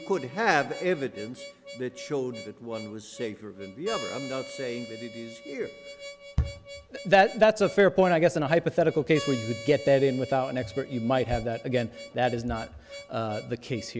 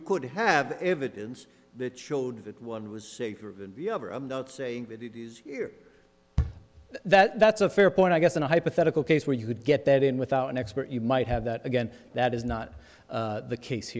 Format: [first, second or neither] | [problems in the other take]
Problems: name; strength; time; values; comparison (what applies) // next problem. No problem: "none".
second | background sound (Harmonica); 16 dB below the speech